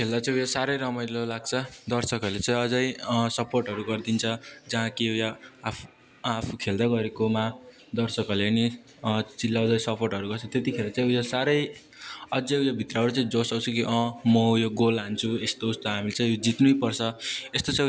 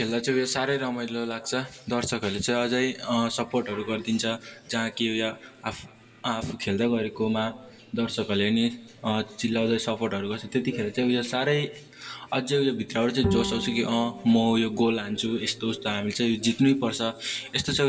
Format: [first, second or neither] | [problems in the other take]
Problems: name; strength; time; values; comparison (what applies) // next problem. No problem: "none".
first | background sound (Bowed string instrument); 8 dB below the speech // room echo; dies away in 1.9 s